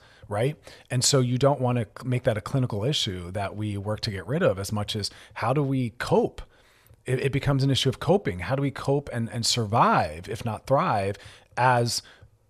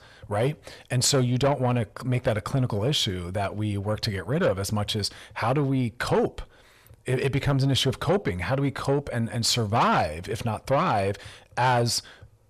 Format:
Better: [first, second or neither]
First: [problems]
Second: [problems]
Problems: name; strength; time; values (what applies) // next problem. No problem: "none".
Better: first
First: none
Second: distortion; slight; 10 dB below the speech